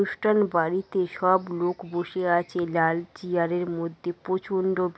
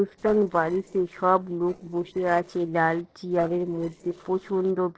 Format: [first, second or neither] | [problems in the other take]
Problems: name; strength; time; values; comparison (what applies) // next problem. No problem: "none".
first | noise reduction (neural separator model SepFormer DNS4)